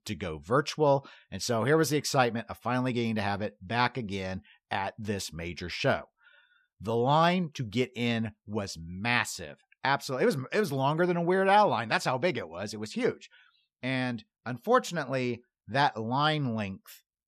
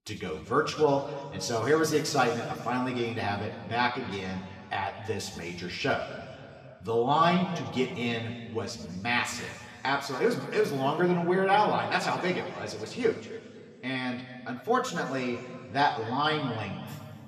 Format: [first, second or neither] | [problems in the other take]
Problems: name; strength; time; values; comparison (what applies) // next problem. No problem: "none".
first | room echo; slight; dies away in 2 s // off-mic speech; somewhat distant